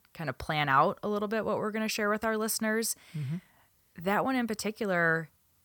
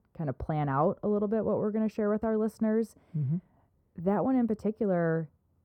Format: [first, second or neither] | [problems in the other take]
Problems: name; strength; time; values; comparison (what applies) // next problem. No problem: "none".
first | muffled; very; fading above 1.5 kHz